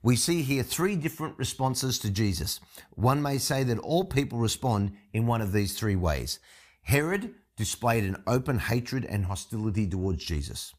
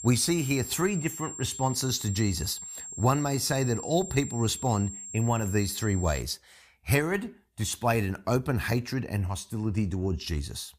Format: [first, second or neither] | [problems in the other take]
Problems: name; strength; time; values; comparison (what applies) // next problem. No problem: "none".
first | high-pitched whine; loud; until 6 s; 7.5 kHz, 9 dB below the speech